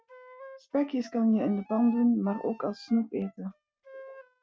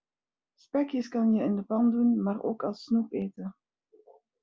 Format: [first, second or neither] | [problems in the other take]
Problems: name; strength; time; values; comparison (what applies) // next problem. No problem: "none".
second | noise reduction (neural mask model RNNoise)